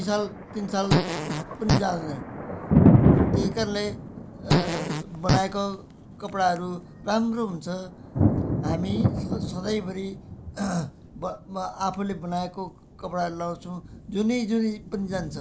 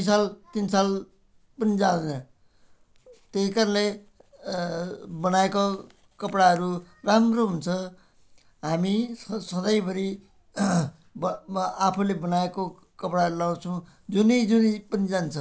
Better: second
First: background sound (Thunder + Fart); 3 dB above the speech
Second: none

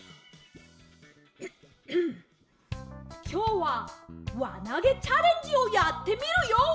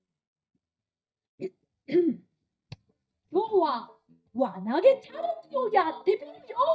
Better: first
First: none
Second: noise reduction (neural mask model DeepFilterNet 3)

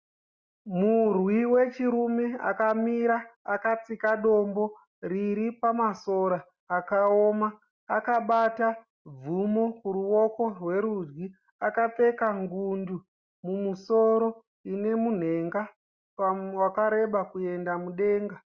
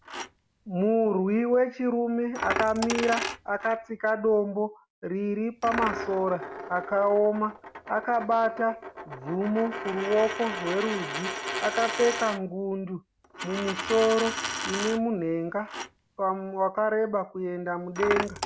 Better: first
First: none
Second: background sound (Coin (dropping)); 8 dB below the speech

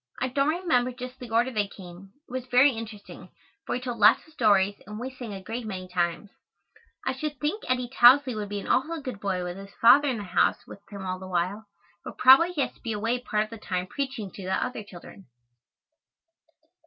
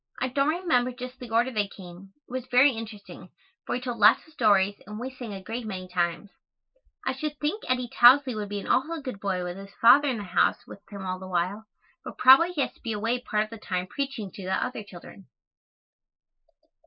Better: first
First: none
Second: noise reduction (neural mask model Resemble Enhance denoiser)

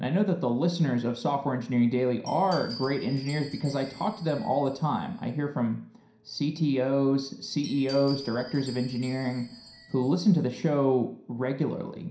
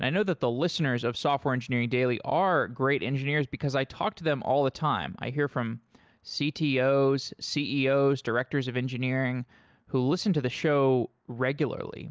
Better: second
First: background sound (Glass); 19 dB below the speech // room echo; dies away in 0.5 s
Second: none

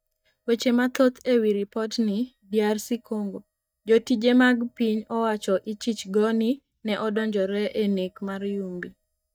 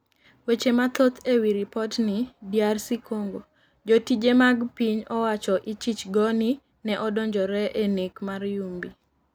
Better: second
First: noise reduction (neural mask model DeepFilterNet 3)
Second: none

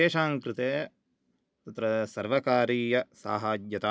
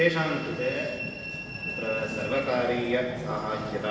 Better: first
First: none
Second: background sound (Train); 7 dB below the speech // room echo; dies away in 1.2 s

